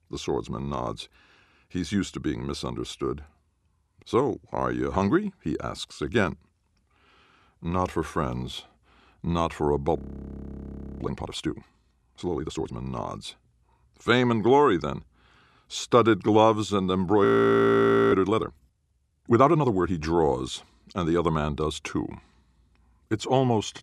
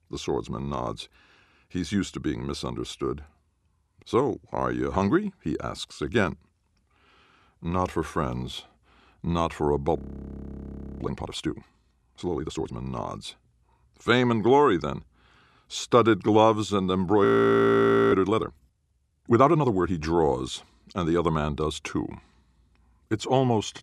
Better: neither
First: audio freezing; at 10 s for 1 s and at 17 s for 1 s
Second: audio freezing; at 10 s for 1 s and at 17 s for 1 s

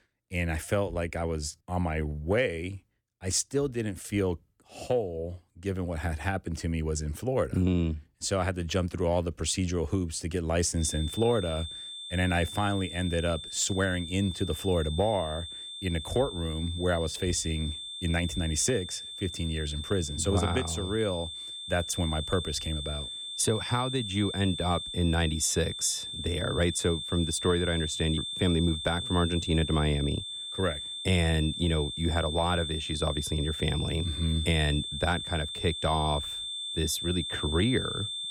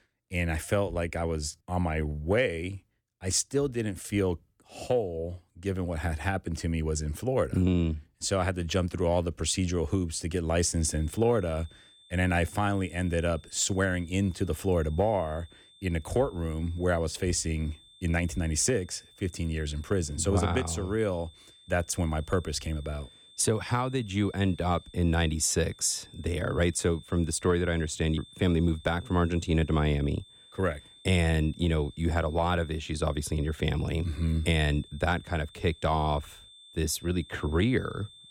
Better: second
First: high-pitched whine; loud; from 11 s on; 3.5 kHz, 6 dB below the speech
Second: high-pitched whine; faint; from 11 s on; 3.5 kHz, 25 dB below the speech

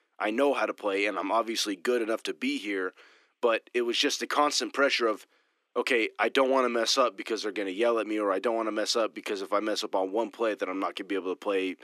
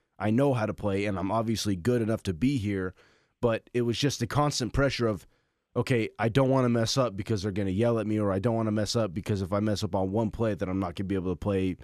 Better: second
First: thin; somewhat; fading below 300 Hz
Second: none

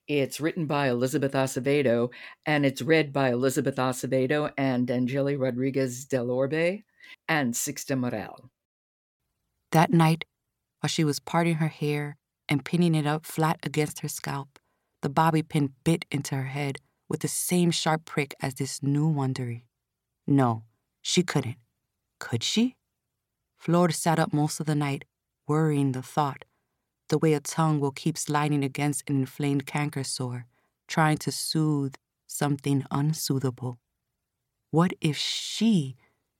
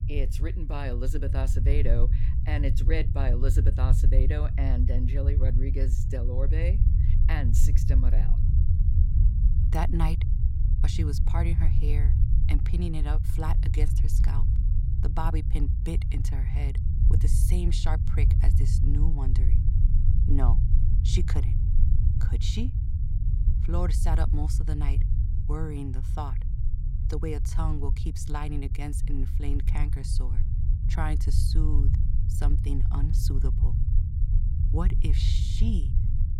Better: first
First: none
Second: low rumble; loud; throughout; 5 dB below the speech

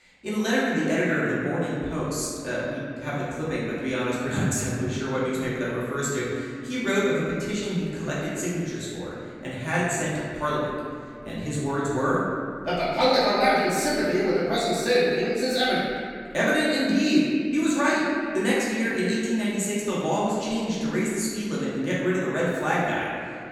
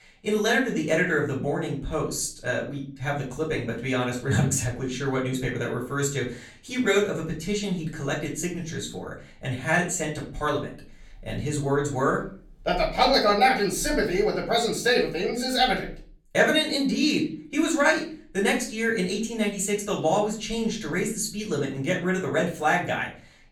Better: second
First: room echo; strong; dies away in 2.2 s // off-mic speech; far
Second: room echo; slight; dies away in 0.4 s // off-mic speech; far

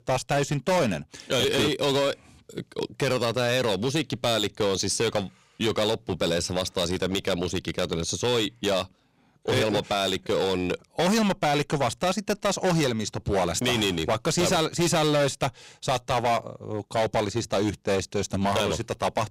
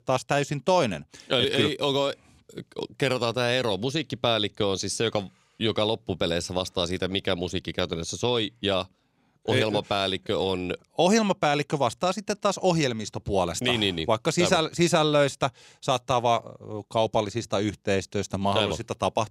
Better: second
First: distortion; heavy; 13% of the sound clipped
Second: none

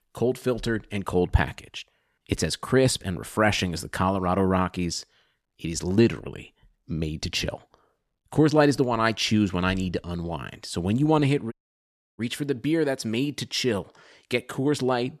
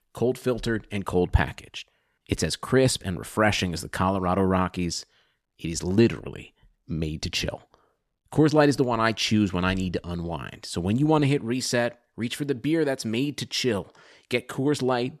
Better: second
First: audio cutting out; at 12 s for 0.5 s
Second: none

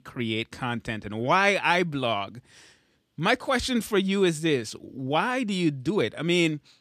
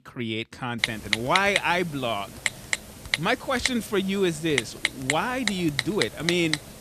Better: first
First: none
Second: keyboard typing; loud; from 1 s on; peak 1 dB above the speech

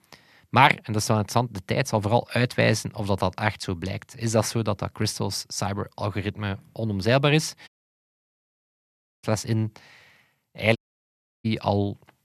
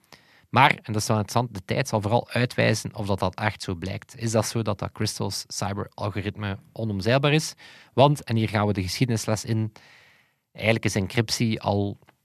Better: second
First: audio cutting out; at 7.5 s for 1.5 s and at 11 s for 0.5 s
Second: none

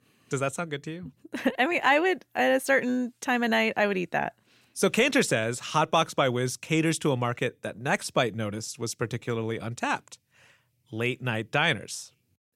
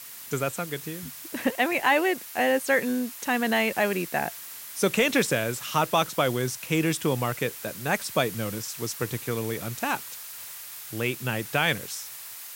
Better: first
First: none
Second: hiss; noticeable; throughout; 10 dB below the speech

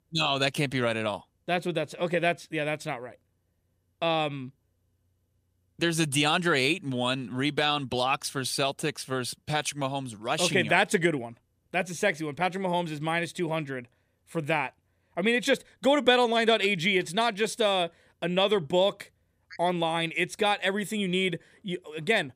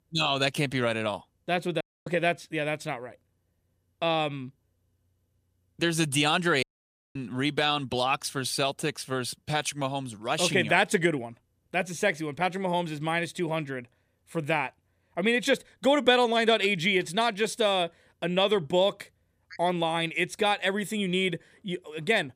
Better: first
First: none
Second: audio cutting out; at 2 s and at 6.5 s for 0.5 s

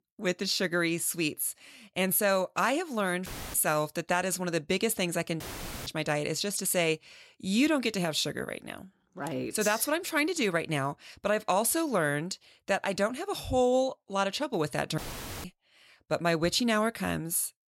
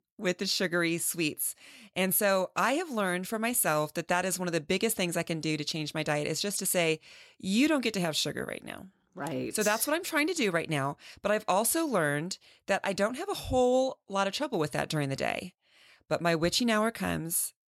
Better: second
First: audio cutting out; filled with static; at 3.5 s, at 5.5 s and at 15 s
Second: none

